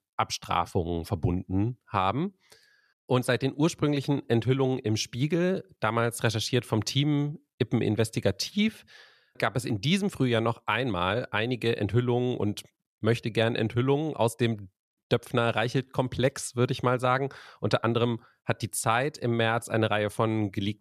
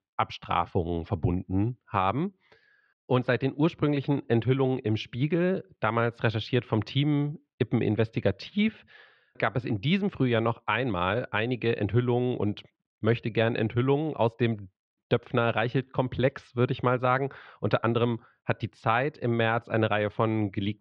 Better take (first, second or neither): first